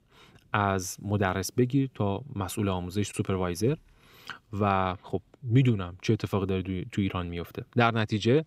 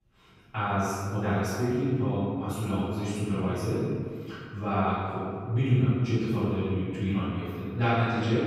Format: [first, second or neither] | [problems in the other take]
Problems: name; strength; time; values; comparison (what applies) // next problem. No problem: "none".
first | off-mic speech; far // room echo; strong; dies away in 1.8 s